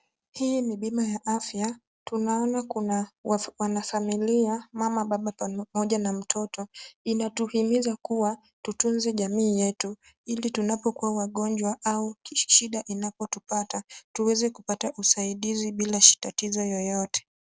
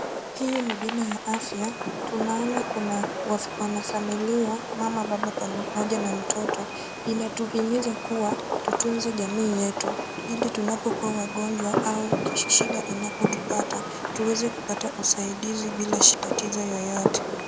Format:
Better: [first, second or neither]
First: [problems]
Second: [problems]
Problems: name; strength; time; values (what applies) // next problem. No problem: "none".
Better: first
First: none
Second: background sound (Fireworks); 3 dB below the speech